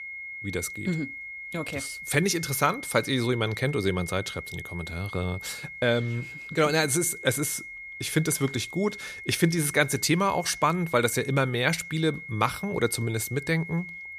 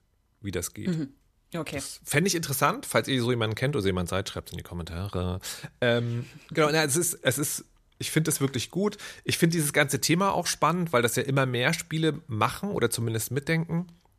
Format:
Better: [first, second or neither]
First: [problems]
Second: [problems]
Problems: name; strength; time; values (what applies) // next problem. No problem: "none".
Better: second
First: high-pitched whine; noticeable; throughout; 2 kHz, 10 dB below the speech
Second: none